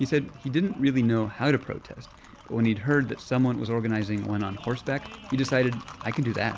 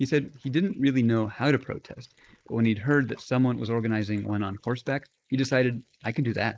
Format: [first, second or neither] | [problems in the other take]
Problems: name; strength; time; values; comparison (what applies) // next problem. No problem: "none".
first | noise reduction (neural mask model Resemble Enhance denoiser)